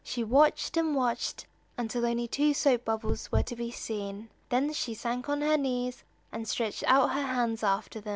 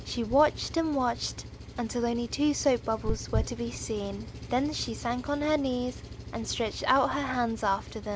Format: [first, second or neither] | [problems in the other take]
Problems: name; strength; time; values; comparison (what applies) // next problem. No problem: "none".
first | background sound (Engine); 13 dB below the speech